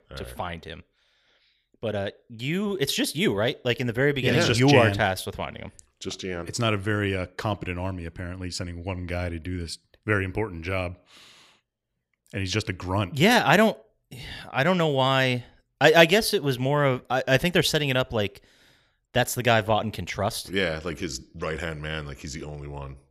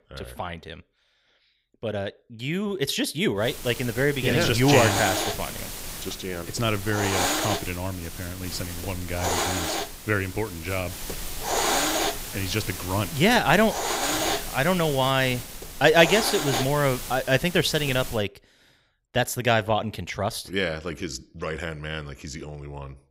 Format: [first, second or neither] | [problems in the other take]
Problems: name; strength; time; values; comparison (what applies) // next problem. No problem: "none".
first | hiss; loud; from 3.5 to 18 s; 4 dB below the speech